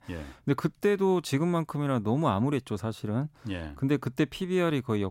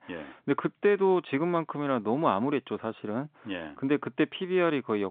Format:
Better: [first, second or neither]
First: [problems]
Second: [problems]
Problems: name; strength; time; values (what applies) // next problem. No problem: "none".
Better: first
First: none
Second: phone-call audio